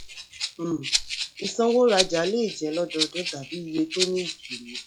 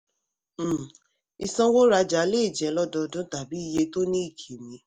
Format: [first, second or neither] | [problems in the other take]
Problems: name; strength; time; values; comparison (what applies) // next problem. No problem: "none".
second | noise reduction (classical method log-MMSE)